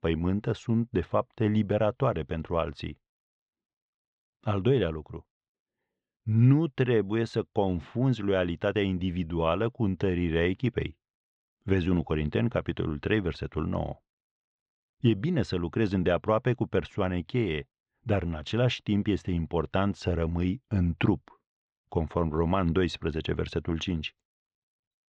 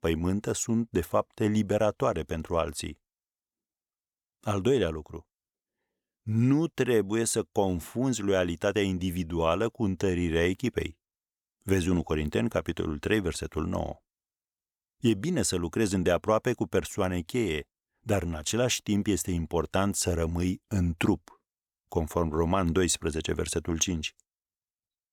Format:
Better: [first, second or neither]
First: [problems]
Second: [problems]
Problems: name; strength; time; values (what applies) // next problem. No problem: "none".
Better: second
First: muffled; slightly; fading above 4 kHz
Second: none